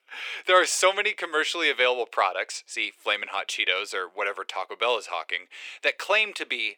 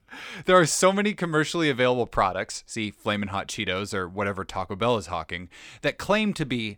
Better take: second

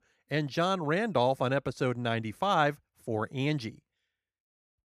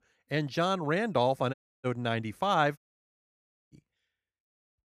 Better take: first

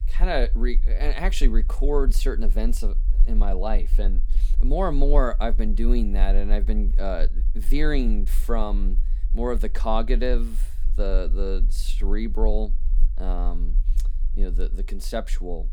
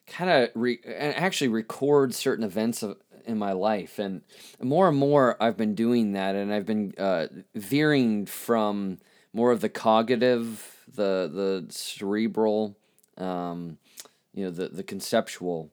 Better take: second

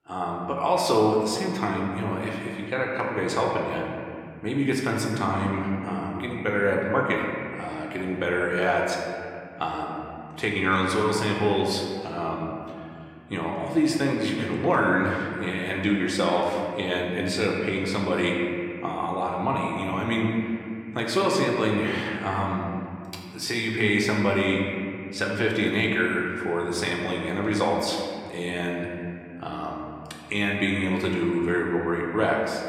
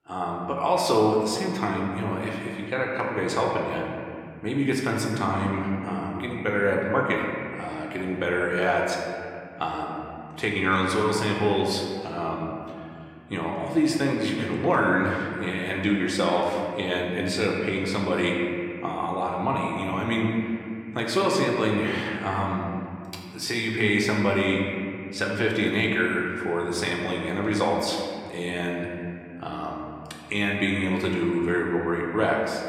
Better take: neither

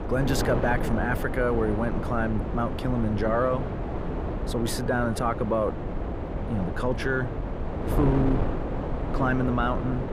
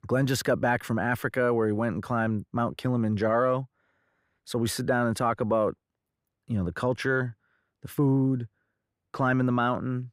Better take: second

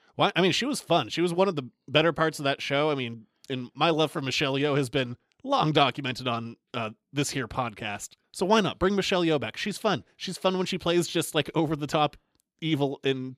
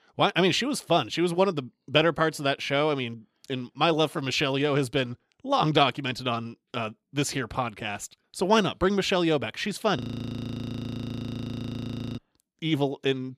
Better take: first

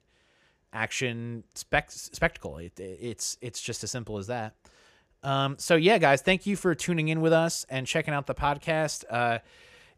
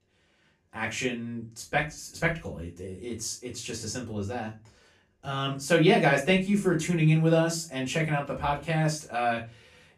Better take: first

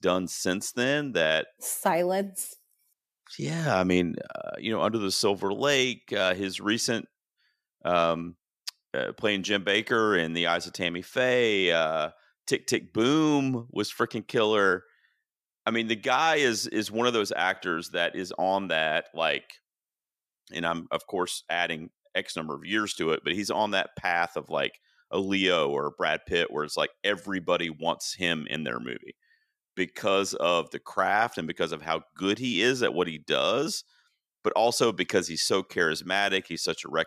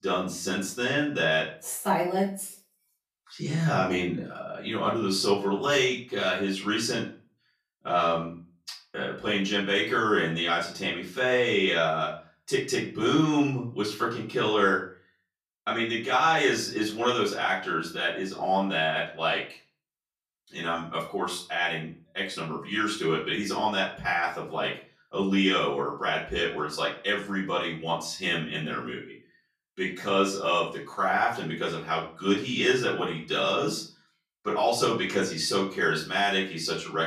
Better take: first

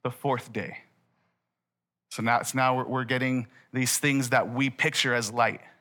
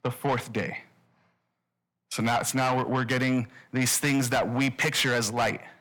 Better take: first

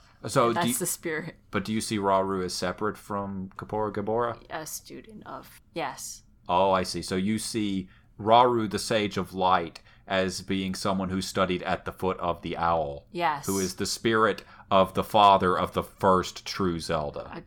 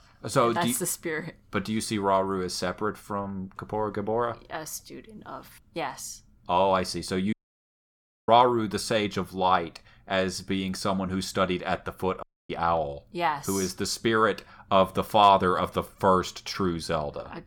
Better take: first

